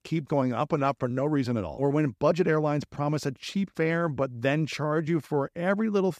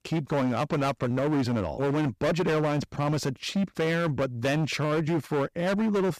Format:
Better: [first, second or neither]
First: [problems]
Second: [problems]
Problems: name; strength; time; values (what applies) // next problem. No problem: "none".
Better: first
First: none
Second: distortion; heavy; 22% of the sound clipped